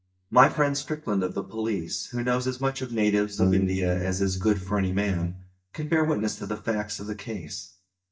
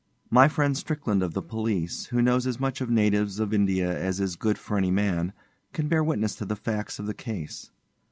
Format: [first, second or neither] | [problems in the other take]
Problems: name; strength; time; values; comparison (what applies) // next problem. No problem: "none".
second | noise reduction (neural mask model DeepFilterNet 3)